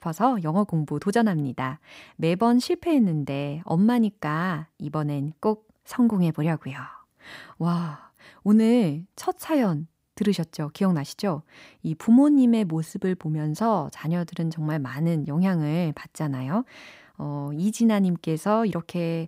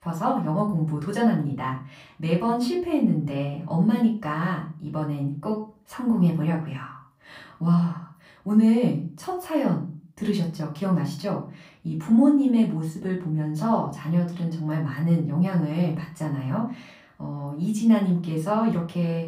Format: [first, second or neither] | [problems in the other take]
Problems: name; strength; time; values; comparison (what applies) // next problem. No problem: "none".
first | off-mic speech; far // room echo; slight; dies away in 0.3 s